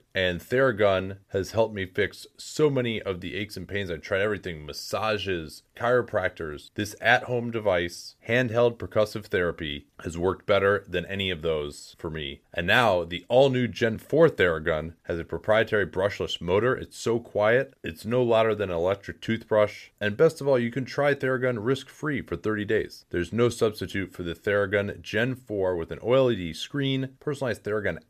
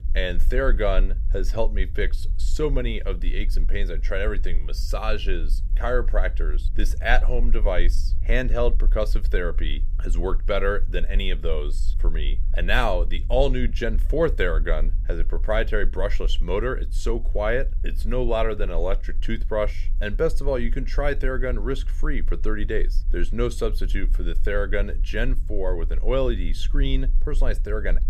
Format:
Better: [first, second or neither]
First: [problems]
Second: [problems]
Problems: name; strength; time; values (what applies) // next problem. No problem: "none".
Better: first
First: none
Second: low rumble; faint; throughout; 25 dB below the speech